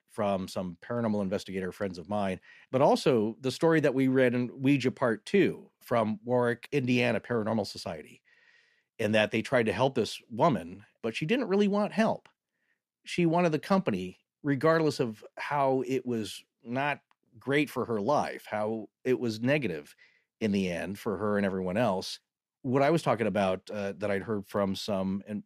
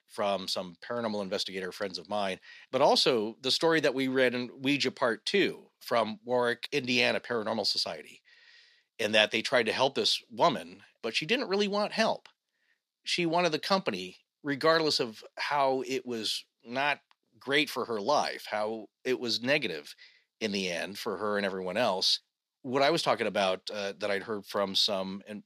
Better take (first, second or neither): first